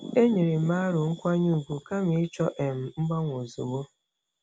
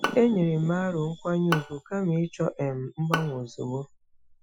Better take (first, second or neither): first